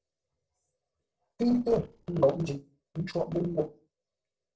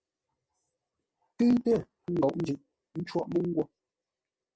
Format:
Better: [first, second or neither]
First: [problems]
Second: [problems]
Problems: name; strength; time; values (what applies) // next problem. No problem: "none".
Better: second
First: noise reduction (neural separator model SepFormer DNS4)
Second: none